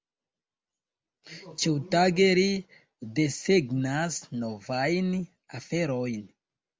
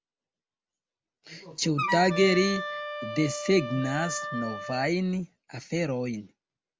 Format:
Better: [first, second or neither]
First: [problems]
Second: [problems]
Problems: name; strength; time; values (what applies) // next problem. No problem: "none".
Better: first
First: none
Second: background sound (Wind instrument, woodwind instrument); 5 dB below the speech